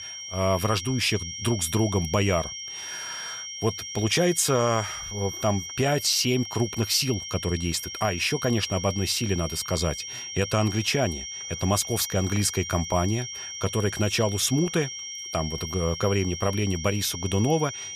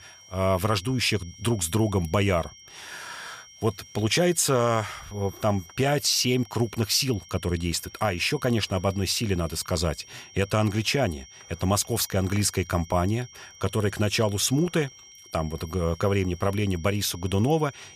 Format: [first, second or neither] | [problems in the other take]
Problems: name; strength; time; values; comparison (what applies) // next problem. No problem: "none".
second | high-pitched whine; loud; throughout; 5.5 kHz, 8 dB below the speech; faint in the second